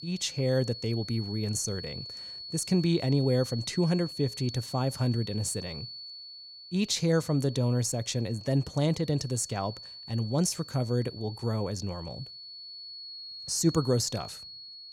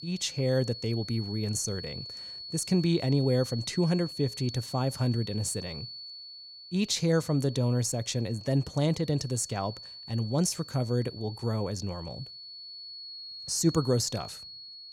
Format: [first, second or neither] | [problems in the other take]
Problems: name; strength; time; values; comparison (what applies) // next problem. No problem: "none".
neither | high-pitched whine; noticeable; throughout; 4.5 kHz, 10 dB below the speech; the same in both